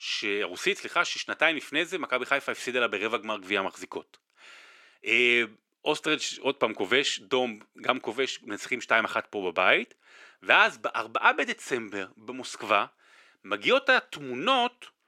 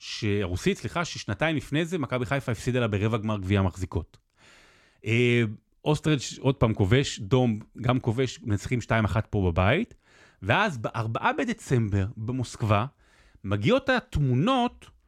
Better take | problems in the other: second | thin; very; fading below 350 Hz

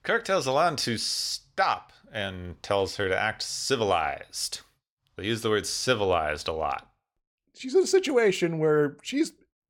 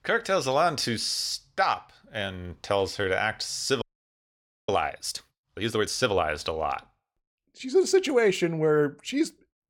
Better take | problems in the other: first | audio freezing; at 4 s for 1 s

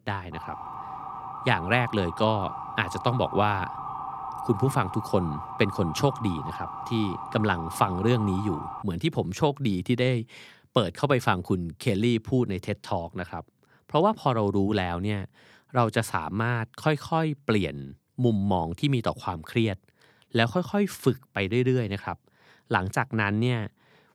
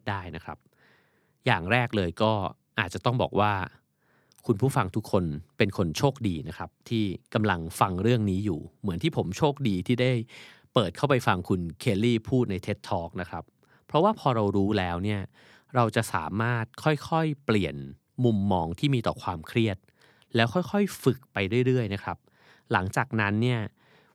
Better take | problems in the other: second | siren; noticeable; until 9 s; peak 8 dB below the speech

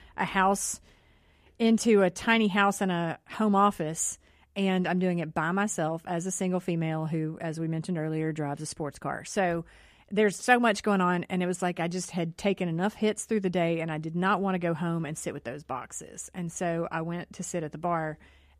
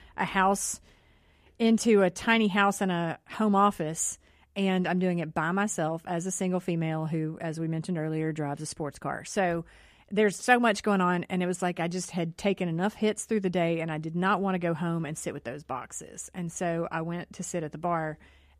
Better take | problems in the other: neither | none

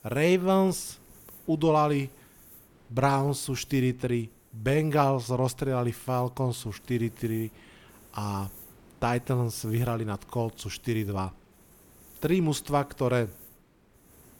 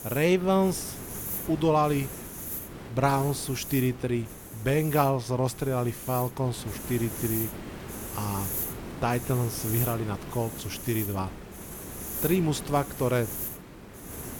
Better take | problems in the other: first | hiss; loud; throughout; 8 dB below the speech; faint in the first

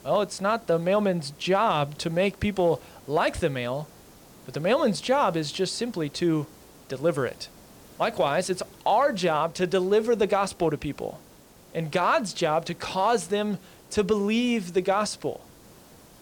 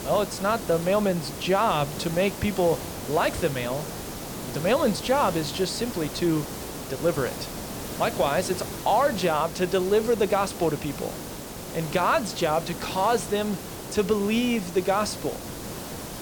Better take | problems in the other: first | hiss; loud; throughout; 9 dB below the speech; faint in the first

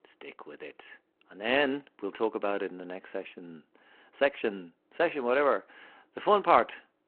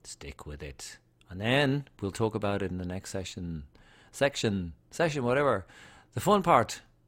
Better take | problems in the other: second | phone-call audio

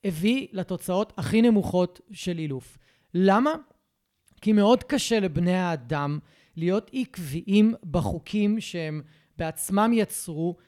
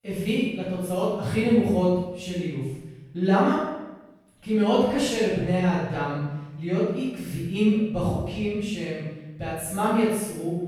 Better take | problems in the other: first | off-mic speech; far // room echo; strong; dies away in 0.9 s

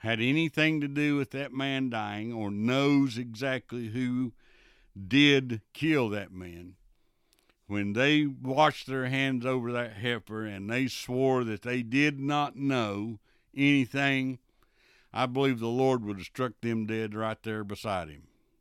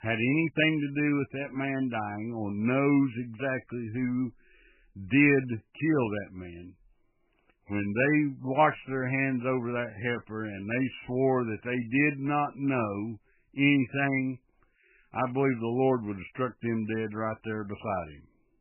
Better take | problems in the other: first | garbled, watery; badly; nothing above 3 kHz

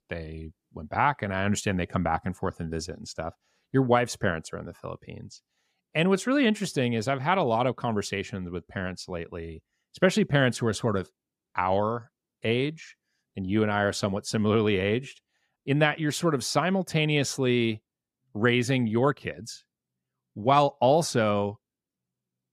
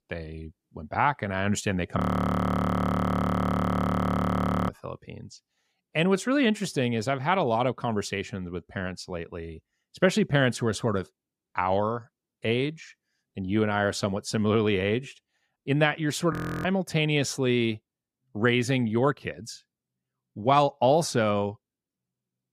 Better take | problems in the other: first | audio freezing; at 2 s for 2.5 s and at 16 s

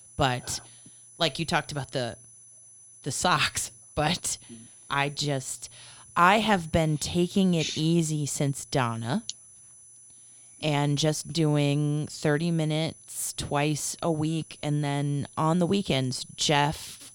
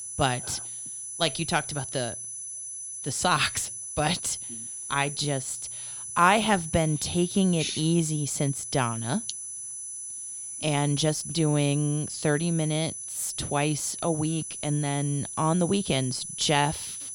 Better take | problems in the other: first | high-pitched whine; loud; throughout; 10 kHz, 7 dB below the speech; faint in the first

